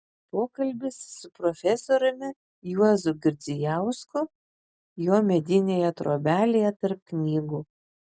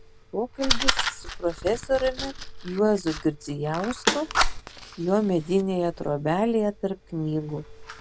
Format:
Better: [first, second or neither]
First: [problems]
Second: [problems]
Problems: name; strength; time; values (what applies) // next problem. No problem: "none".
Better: first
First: none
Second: background sound (Snare drum + Fire); 3 dB below the speech